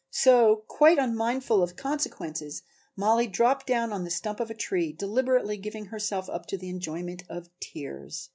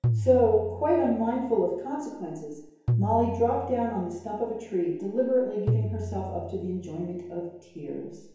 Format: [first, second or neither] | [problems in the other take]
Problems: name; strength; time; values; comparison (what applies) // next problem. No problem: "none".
first | background sound (Tabla); 6 dB below the speech // room echo; dies away in 1 s